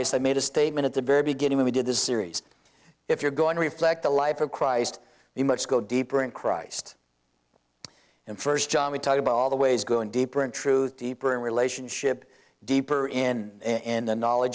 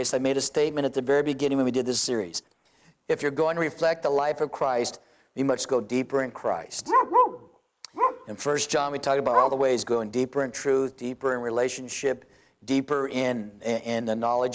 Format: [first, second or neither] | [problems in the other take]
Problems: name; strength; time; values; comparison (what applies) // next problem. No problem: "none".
first | noise reduction (neural mask model Resemble Enhance denoiser)